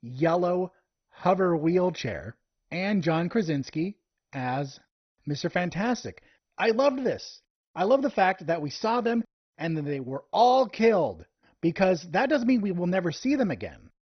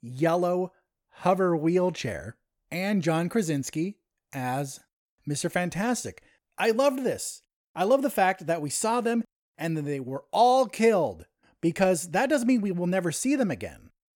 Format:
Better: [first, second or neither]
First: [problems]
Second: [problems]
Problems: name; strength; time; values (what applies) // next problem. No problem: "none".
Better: second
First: garbled, watery; badly; nothing above 6 kHz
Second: none